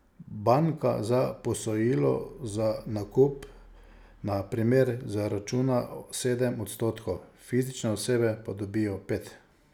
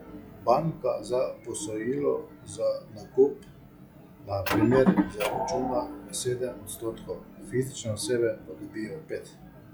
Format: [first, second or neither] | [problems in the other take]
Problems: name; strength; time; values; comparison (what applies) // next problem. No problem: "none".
first | noise reduction (classical method log-MMSE)